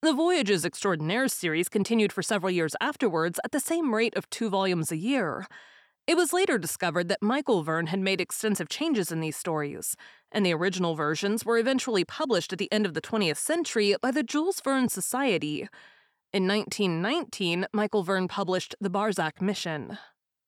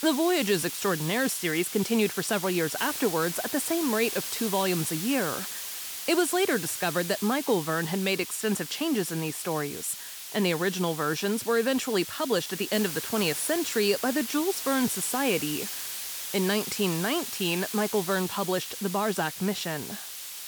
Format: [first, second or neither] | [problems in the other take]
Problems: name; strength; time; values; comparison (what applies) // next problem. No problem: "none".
first | hiss; loud; throughout; 6 dB below the speech